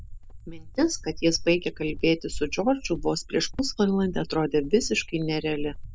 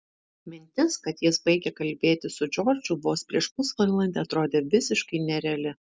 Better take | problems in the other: second | background sound (Cricket); 10 dB below the speech

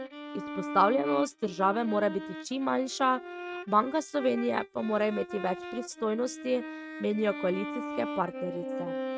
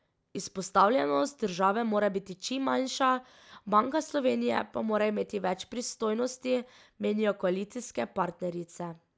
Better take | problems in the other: second | noise reduction (neural mask model RNNoise)

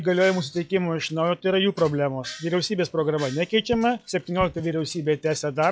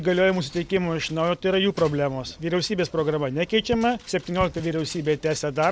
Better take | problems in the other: second | noise reduction (classical method log-MMSE)

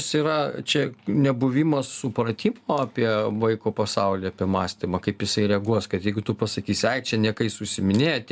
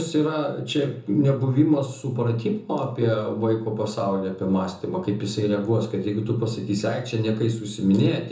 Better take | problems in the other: first | room echo; dies away in 0.6 s

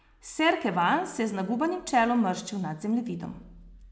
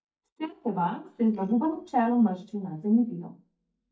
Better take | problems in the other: first | noise reduction (neural mask model DeepFilterNet 3)

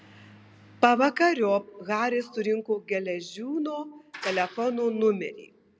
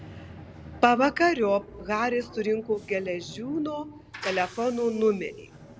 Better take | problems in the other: first | background sound (Bowed string instrument + Bus / Engine); 19 dB below the speech

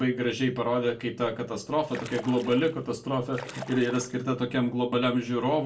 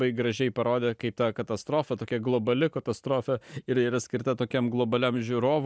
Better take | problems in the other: second | background sound (Splash, splatter); 16 dB below the speech // room echo; dies away in 0.2 s

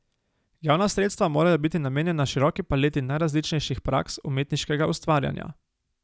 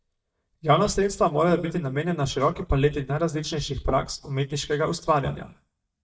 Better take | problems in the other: first | noise reduction (neural mask model DeepFilterNet 3)

